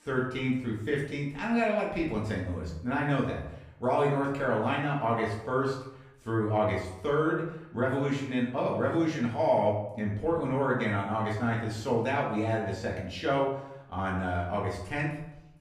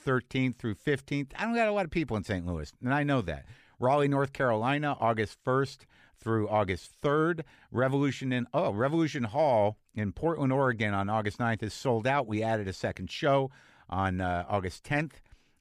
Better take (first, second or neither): second